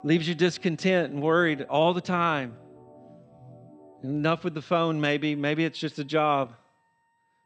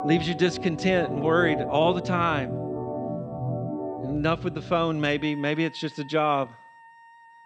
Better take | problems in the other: first | background music; loud; throughout; 7 dB below the speech; faint in the first

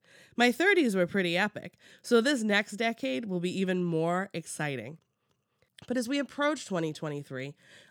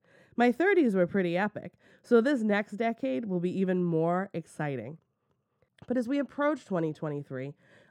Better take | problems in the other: first | muffled; slightly; fading above 2 kHz

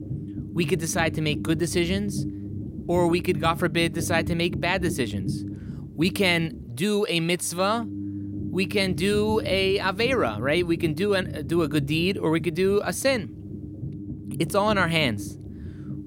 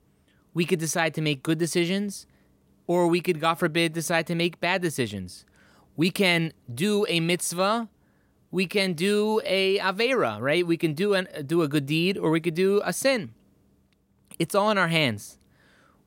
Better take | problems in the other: second | low rumble; noticeable; throughout; 15 dB below the speech

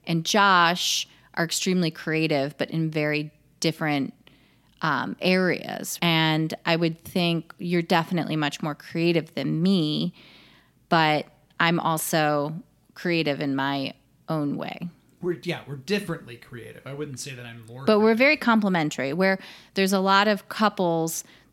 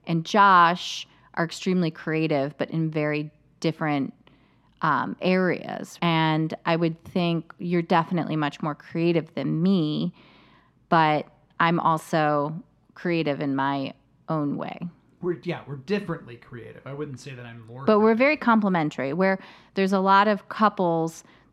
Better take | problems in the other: first | muffled; slightly; fading above 1.5 kHz

